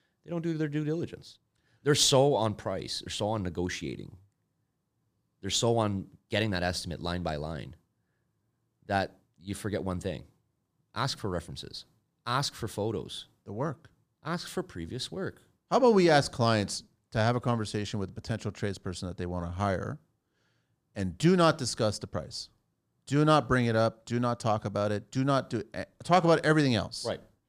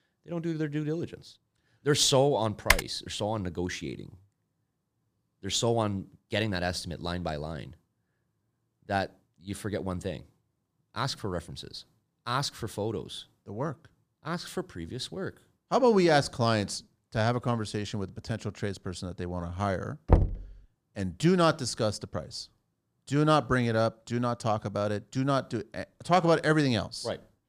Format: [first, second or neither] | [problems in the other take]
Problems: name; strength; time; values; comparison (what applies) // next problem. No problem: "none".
first | keyboard typing; loud; at 2.5 s; peak 4 dB above the speech // door banging; loud; at 20 s; peak 4 dB above the speech